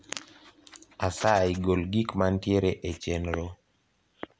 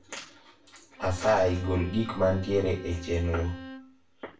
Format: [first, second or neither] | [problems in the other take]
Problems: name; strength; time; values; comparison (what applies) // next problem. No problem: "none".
first | background sound (Bowed string instrument); 16 dB below the speech // room echo; dies away in 0.3 s